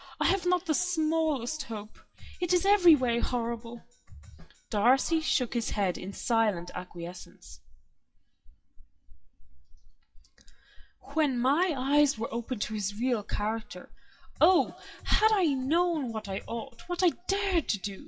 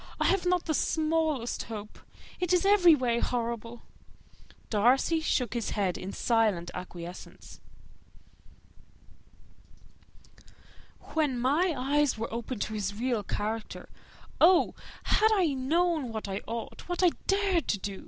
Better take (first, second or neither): second